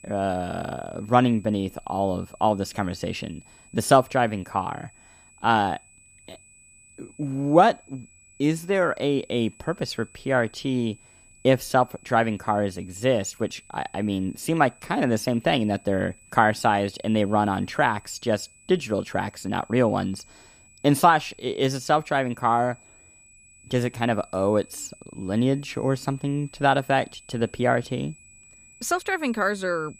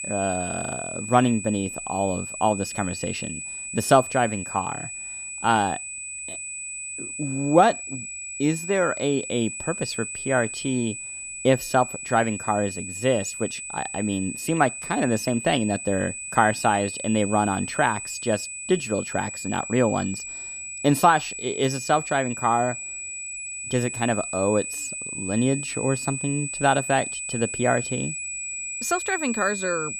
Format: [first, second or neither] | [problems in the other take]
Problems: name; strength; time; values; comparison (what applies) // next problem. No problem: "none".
first | high-pitched whine; loud; throughout; 8 kHz, 7 dB below the speech; faint in the first